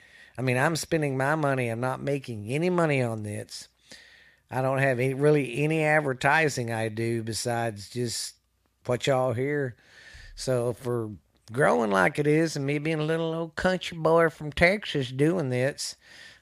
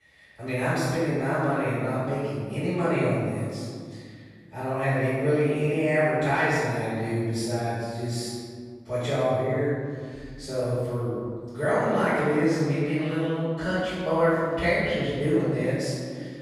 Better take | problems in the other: first | off-mic speech; far // room echo; strong; dies away in 2 s

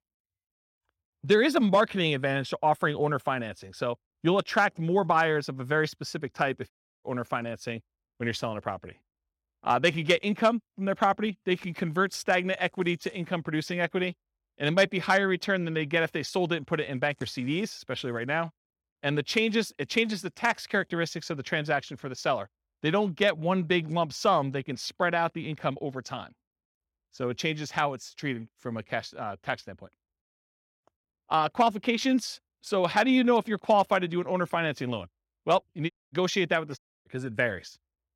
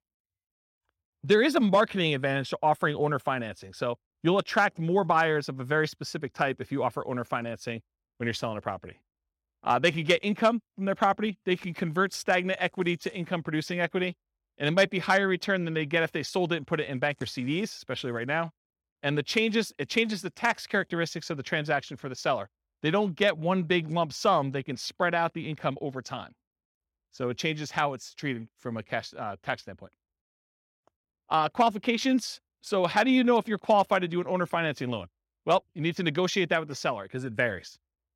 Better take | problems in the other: second | audio cutting out; at 6.5 s, at 36 s and at 37 s

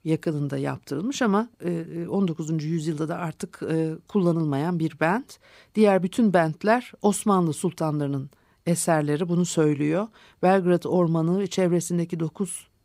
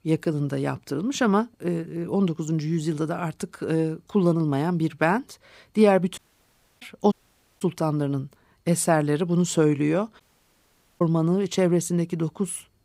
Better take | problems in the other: first | audio cutting out; at 6 s for 0.5 s, at 7 s and at 10 s for 1 s

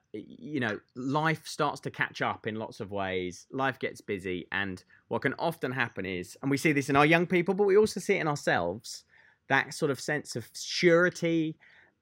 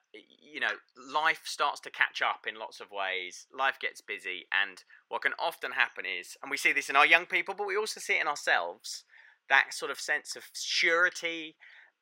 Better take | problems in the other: first | thin; very; fading below 850 Hz

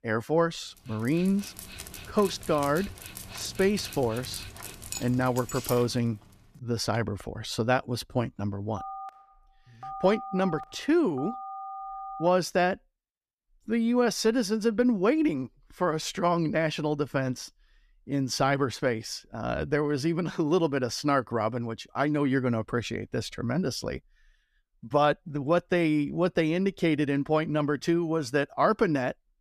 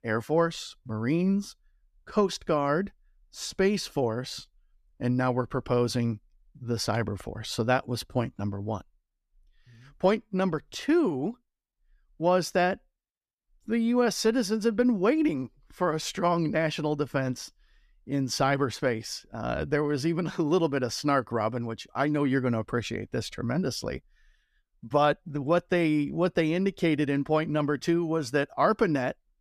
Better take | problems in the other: second | dog barking; noticeable; from 1 to 6 s; peak 9 dB below the speech // phone ringing; faint; from 9 to 12 s; peak 10 dB below the speech

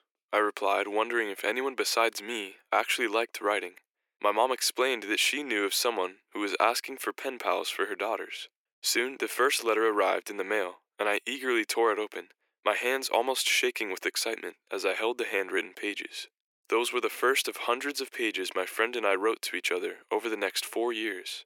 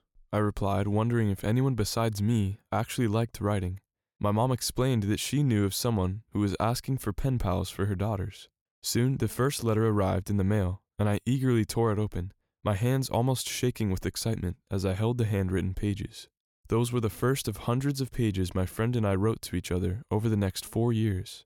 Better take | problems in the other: second | thin; very; fading below 350 Hz

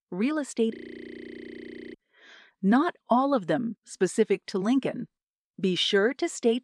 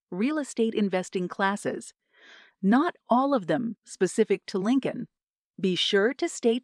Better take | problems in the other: second | audio freezing; at 1 s for 1 s

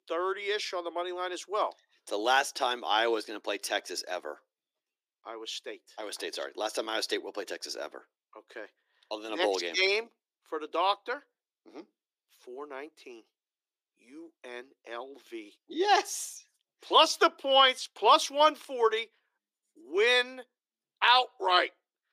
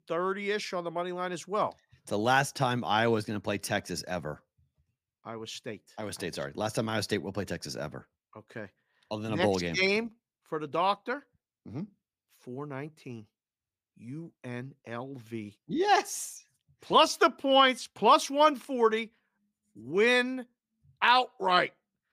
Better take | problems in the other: second | thin; very; fading below 350 Hz

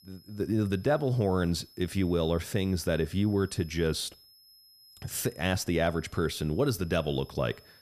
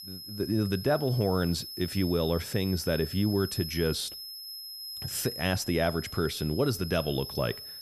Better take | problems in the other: first | high-pitched whine; loud; throughout; 5 kHz, 9 dB below the speech; faint in the first

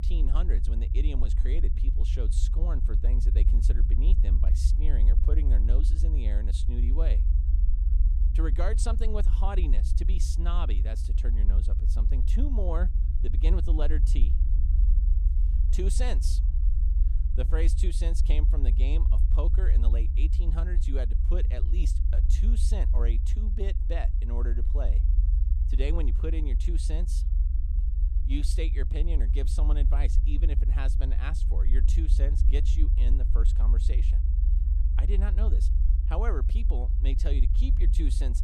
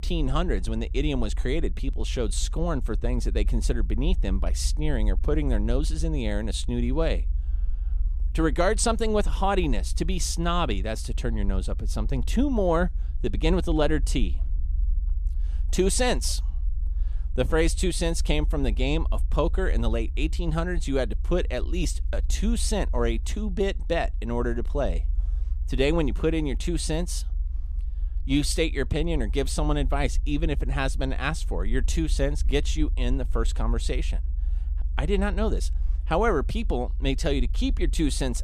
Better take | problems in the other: second | low rumble; loud; throughout; 6 dB below the speech; faint in the second

